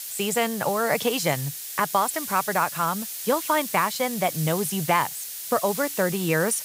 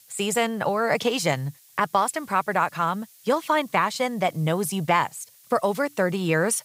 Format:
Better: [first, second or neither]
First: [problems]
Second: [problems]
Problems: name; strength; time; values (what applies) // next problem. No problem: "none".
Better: second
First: hiss; loud; throughout; 6 dB below the speech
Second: hiss; faint; throughout; 25 dB below the speech